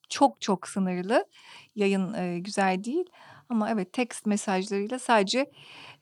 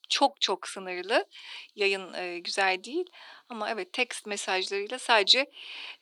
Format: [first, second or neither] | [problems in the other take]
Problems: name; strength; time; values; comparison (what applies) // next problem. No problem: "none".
first | thin; somewhat; fading below 350 Hz